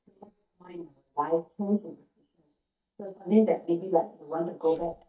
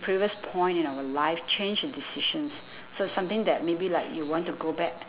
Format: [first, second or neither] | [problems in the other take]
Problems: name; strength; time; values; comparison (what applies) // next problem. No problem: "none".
second | noise reduction (neural mask model DeepFilterNet 3)